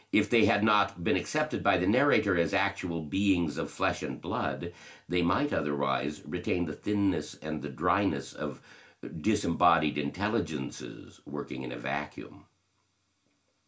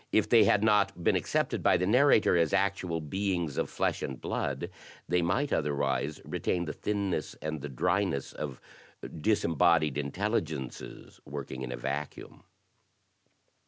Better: second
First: room echo; dies away in 0.2 s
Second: none

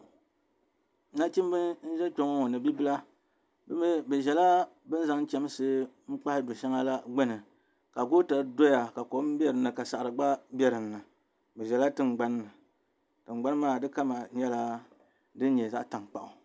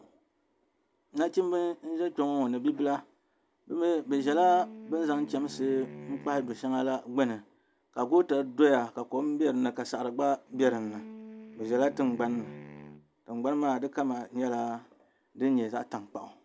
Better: first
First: none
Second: background sound (Wind instrument, woodwind instrument); 16 dB below the speech

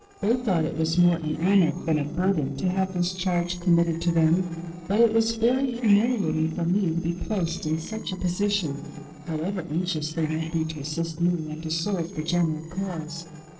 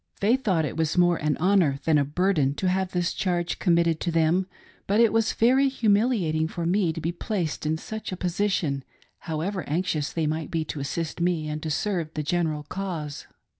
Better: second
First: noise reduction (neural separator model SepFormer DNS4)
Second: none

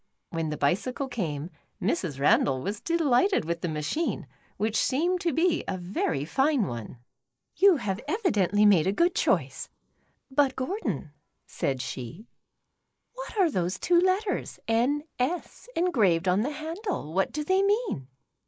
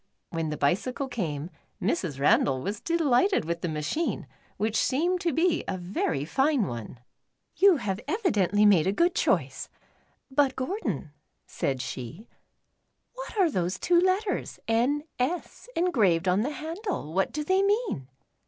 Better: second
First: noise reduction (neural mask model Resemble Enhance denoiser)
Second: none

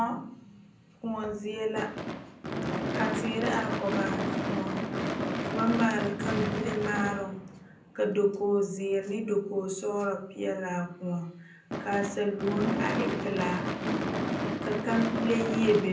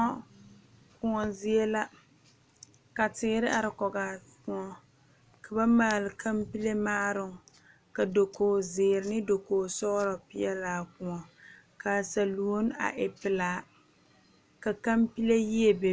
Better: second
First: background sound (Gunshot, gunfire / Fireworks); 3 dB below the speech // room echo; dies away in 0.6 s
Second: none

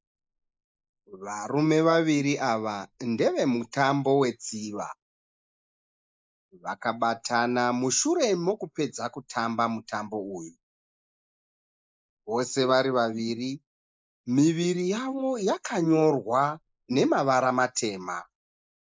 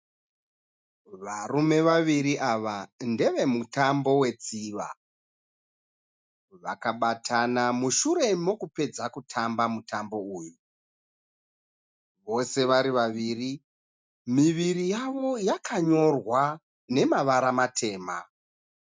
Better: second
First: noise reduction (neural mask model Resemble Enhance denoiser)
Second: none

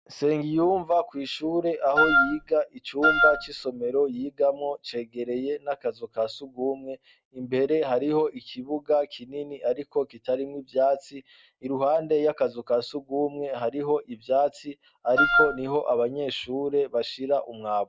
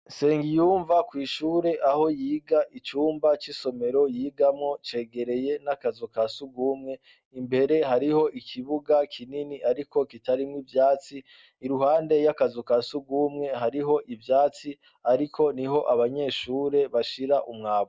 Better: second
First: background sound (Wind instrument, woodwind instrument); 4 dB above the speech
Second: none

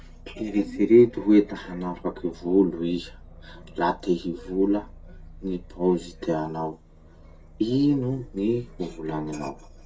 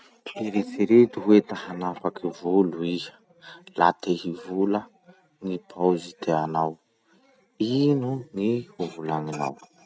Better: second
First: background sound (Aircraft); 20 dB below the speech // room echo; dies away in 0.2 s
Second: none

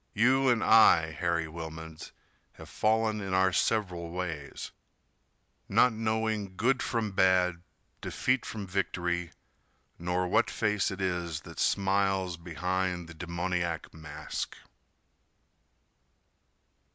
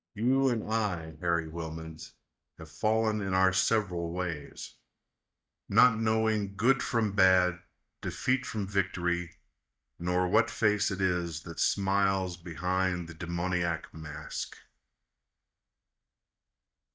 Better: first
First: none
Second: noise reduction (neural mask model DeepFilterNet 3)

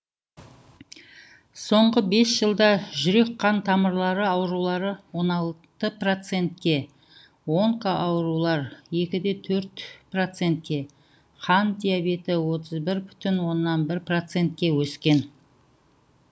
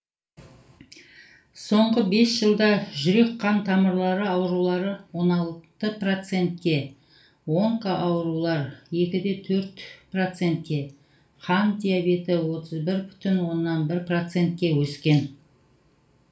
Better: first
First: none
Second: room echo; dies away in 0.3 s

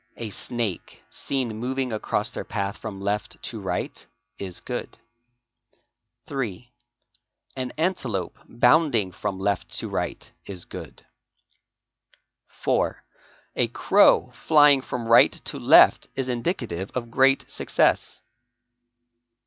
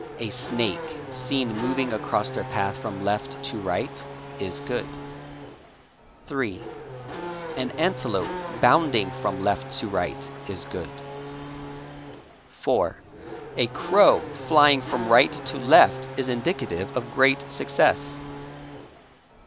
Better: first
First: none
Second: background sound (Race car, auto racing / Accelerating, revving, vroom); 10 dB below the speech

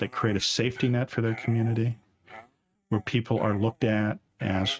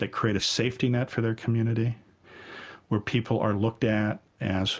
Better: second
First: noise reduction (neural mask model RNNoise)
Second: none

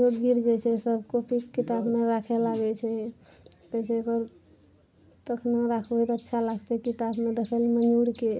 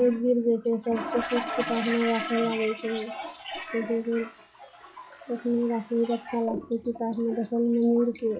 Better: first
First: none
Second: noise reduction (classical method log-MMSE)

